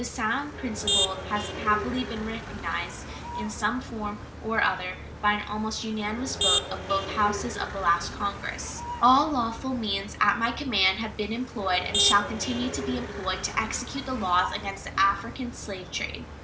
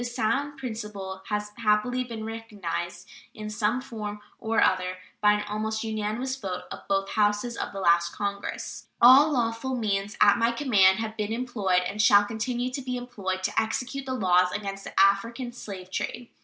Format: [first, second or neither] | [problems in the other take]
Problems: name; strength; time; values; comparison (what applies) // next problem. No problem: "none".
second | background sound (Motor vehicle (road)); 5 dB below the speech